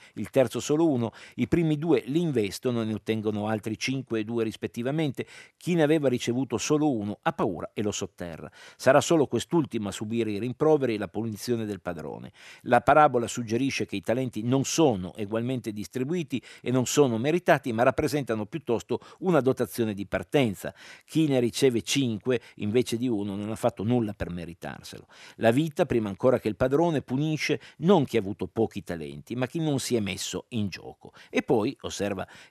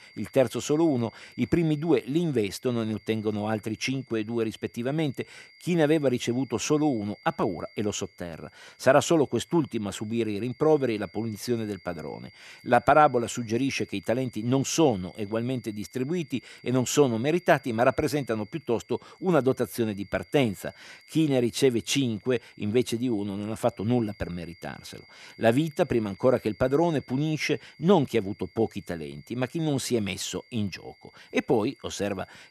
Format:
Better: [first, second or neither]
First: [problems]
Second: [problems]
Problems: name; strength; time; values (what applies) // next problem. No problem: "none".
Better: first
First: none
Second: high-pitched whine; faint; throughout; 2 kHz, 25 dB below the speech